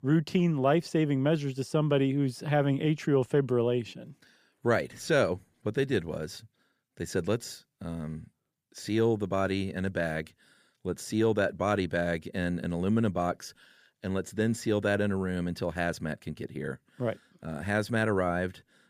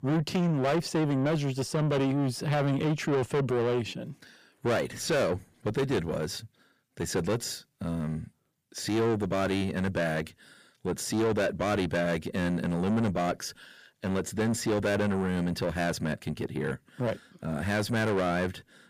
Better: first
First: none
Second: distortion; heavy; 8 dB below the speech

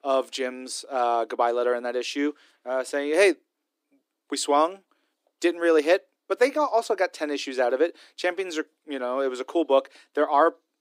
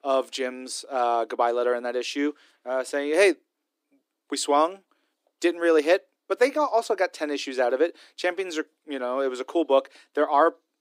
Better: neither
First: thin; somewhat; fading below 300 Hz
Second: thin; somewhat; fading below 300 Hz

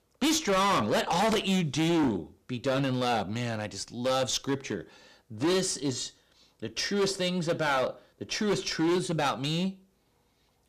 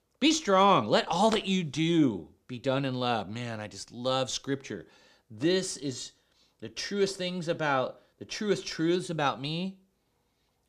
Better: second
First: distortion; heavy; 12% of the sound clipped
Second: none

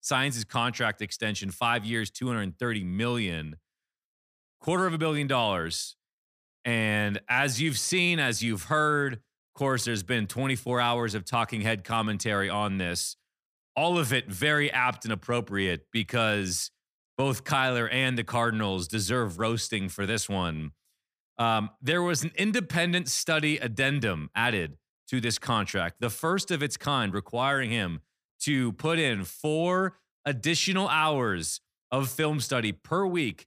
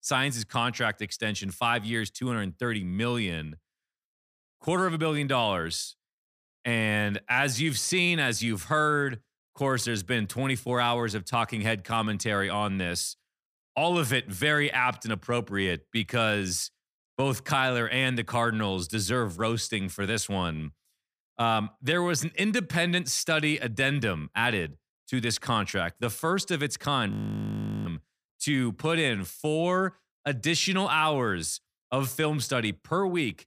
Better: first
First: none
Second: audio freezing; at 27 s for 1 s

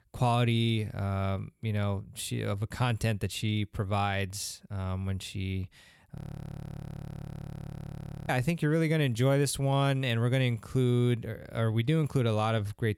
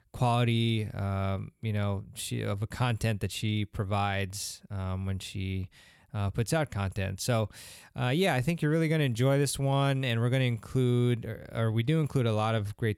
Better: second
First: audio freezing; at 6 s for 2 s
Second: none

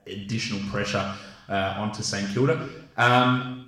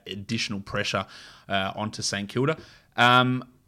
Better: second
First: room echo; noticeable; dies away in 0.8 s // off-mic speech; somewhat distant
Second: none

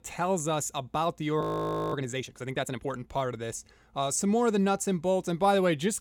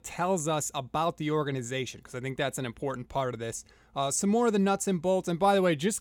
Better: second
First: audio freezing; at 1.5 s for 0.5 s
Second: none

